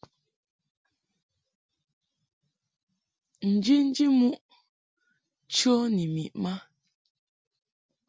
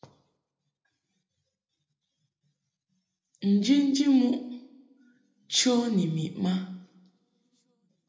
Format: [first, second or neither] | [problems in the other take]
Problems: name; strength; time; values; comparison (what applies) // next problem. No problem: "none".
first | room echo; dies away in 0.8 s